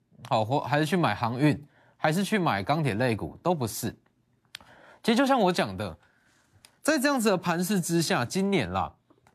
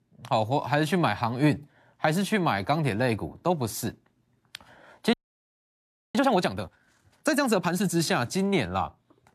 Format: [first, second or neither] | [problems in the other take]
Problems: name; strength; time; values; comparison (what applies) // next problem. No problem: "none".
first | audio freezing; at 5 s for 1 s